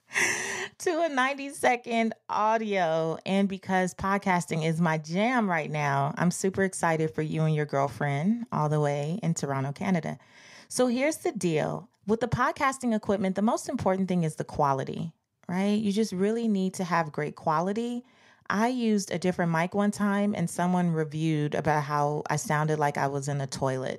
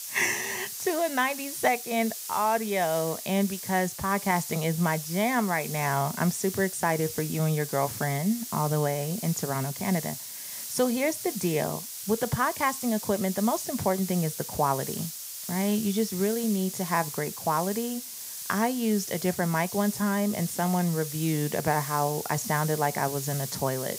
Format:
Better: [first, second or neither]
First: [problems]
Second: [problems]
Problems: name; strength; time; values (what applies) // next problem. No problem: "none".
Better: first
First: none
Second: hiss; loud; throughout; 7 dB below the speech